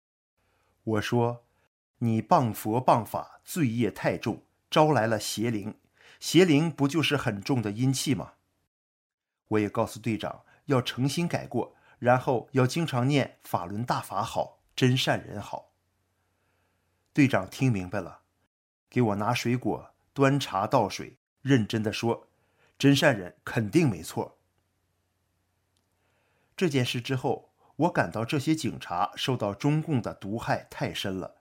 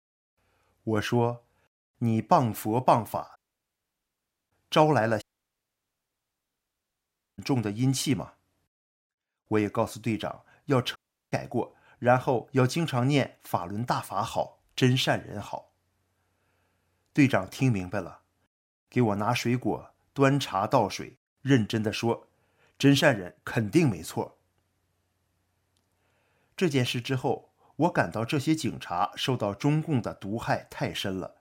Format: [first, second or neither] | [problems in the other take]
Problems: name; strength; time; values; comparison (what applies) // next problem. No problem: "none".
first | audio cutting out; at 3.5 s for 1 s, at 5 s for 2 s and at 11 s